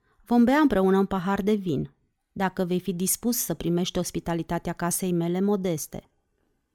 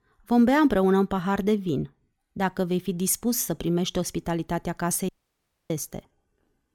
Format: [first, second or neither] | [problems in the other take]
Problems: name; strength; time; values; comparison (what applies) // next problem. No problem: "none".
first | audio cutting out; at 5 s for 0.5 s